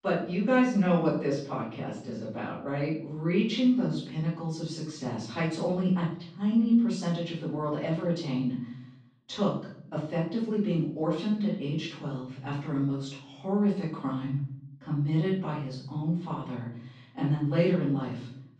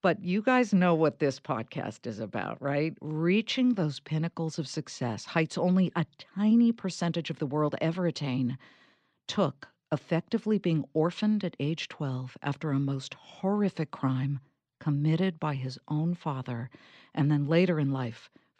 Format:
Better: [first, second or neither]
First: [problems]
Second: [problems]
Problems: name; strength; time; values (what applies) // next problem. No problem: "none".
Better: second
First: off-mic speech; far // room echo; noticeable; dies away in 0.5 s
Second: none